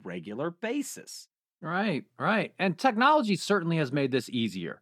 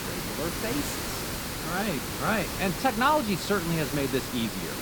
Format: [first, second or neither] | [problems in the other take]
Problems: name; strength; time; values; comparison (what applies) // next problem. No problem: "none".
first | hiss; loud; throughout; 3 dB below the speech